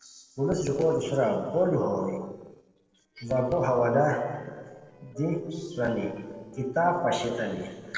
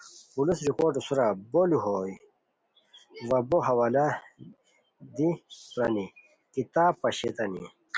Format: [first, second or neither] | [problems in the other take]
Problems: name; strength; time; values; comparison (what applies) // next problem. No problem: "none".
second | noise reduction (neural separator model SepFormer DNS4)